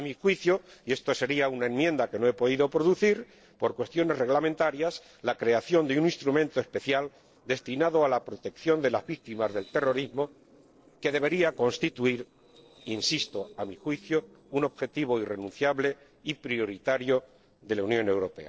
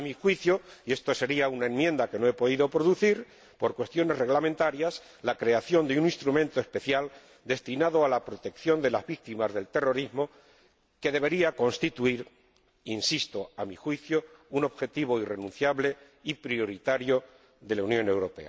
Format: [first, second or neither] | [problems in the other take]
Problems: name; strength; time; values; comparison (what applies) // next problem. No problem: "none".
second | noise reduction (neural separator model SepFormer DNS4)